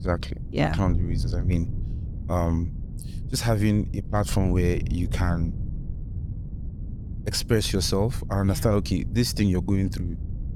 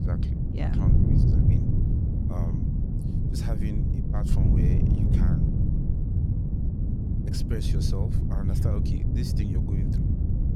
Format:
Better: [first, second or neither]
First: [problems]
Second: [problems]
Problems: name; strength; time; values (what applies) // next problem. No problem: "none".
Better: first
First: wind noise on the microphone; occasional gusts; 15 dB below the speech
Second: wind noise on the microphone; heavy; 5 dB above the speech